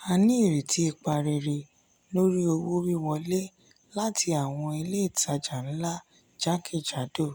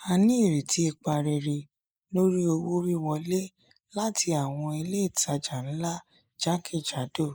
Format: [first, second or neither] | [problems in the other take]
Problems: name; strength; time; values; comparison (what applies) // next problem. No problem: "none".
first | noise reduction (neural mask model Resemble Enhance denoiser)